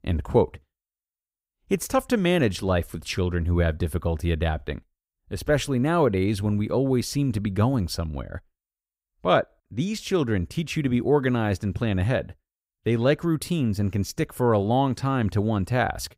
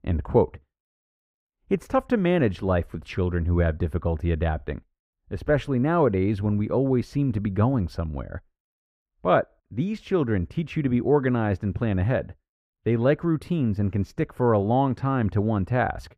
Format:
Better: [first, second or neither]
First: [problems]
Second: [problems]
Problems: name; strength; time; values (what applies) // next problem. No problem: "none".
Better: first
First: none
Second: muffled; very; fading above 3.5 kHz